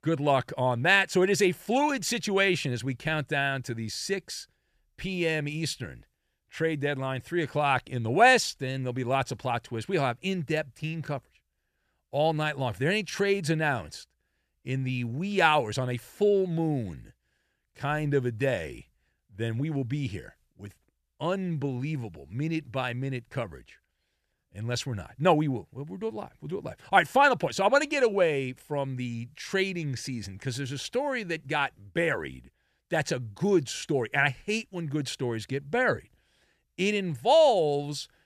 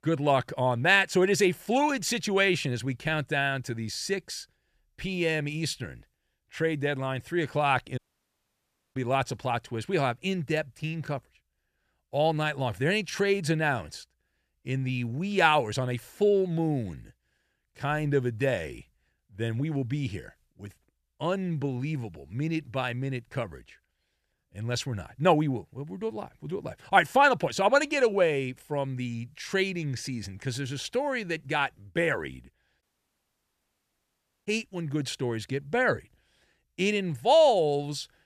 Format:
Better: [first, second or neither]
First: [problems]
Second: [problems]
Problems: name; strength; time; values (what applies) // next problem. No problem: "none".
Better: first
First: none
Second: audio cutting out; at 8 s for 1 s and at 33 s for 1.5 s